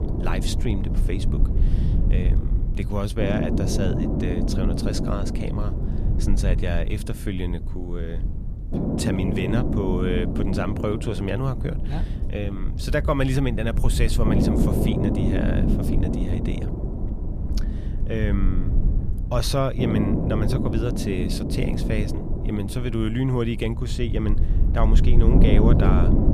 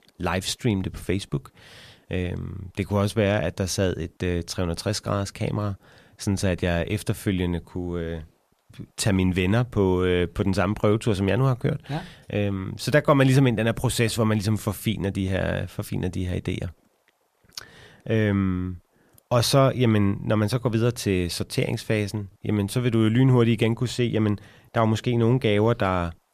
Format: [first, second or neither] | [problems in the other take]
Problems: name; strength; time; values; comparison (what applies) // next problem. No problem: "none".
second | low rumble; loud; throughout; 3 dB below the speech